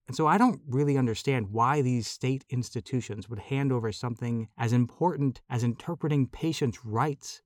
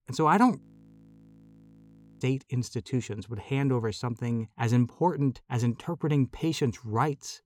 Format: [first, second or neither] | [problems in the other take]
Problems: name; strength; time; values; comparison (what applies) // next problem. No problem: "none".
first | audio freezing; at 0.5 s for 1.5 s